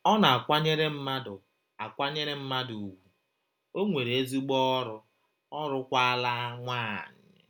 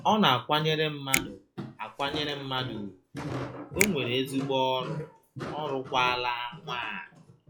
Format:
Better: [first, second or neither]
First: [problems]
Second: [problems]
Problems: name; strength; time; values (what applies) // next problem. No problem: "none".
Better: first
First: none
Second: noise reduction (classical method log-MMSE)